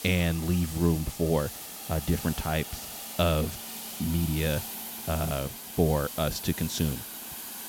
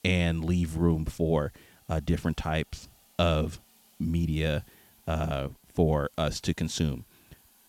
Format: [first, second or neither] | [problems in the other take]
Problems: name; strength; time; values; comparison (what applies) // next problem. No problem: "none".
second | hiss; loud; throughout; 8 dB below the speech; faint in the second